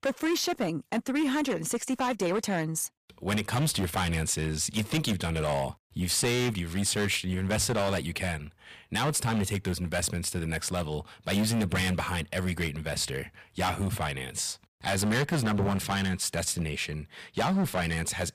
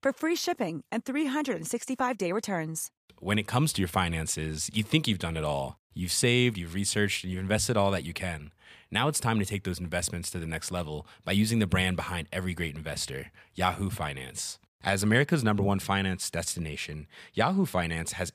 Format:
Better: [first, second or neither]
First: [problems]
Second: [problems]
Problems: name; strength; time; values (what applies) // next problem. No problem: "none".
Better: second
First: distortion; heavy; 12% of the sound clipped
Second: none